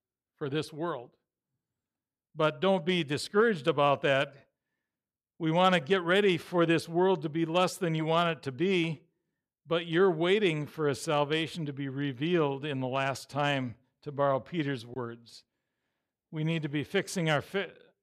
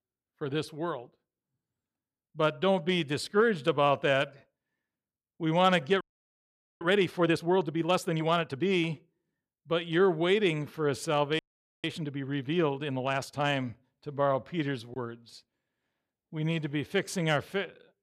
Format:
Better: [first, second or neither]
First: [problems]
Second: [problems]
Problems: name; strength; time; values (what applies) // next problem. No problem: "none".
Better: first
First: none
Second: audio freezing; at 6 s for 1 s and at 11 s